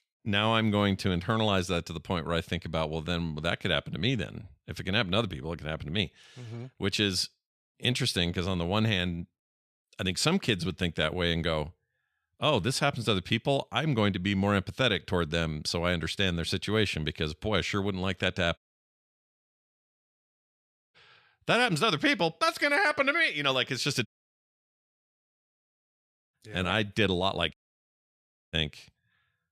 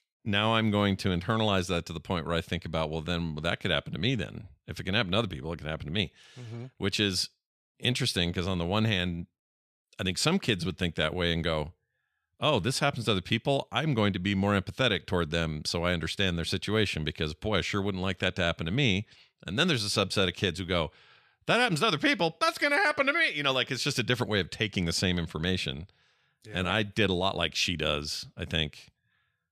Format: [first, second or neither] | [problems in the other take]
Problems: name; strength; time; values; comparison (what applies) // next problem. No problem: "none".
second | audio cutting out; at 19 s for 2.5 s, at 24 s for 2.5 s and at 28 s for 1 s